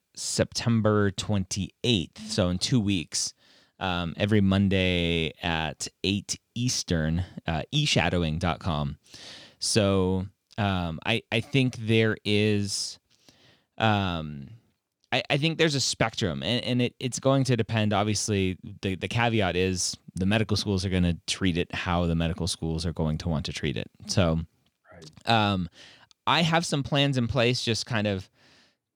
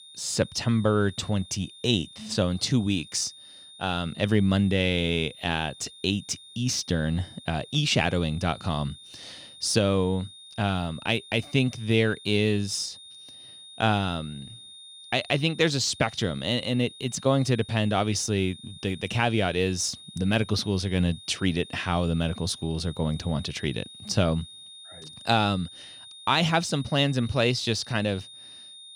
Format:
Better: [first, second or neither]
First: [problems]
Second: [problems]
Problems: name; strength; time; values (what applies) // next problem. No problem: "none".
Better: first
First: none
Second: high-pitched whine; noticeable; throughout; 3.5 kHz, 20 dB below the speech